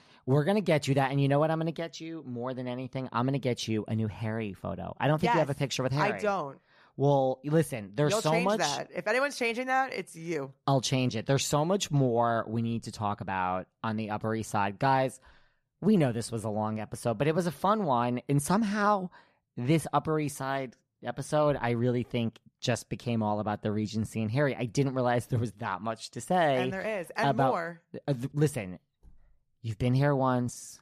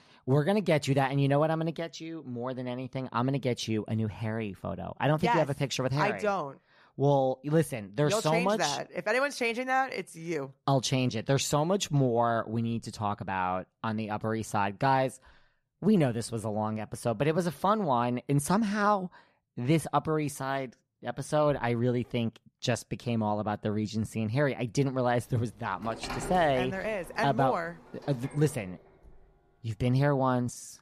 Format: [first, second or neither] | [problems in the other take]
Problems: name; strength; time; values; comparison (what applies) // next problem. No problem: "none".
first | door banging; noticeable; from 26 to 29 s; peak 8 dB below the speech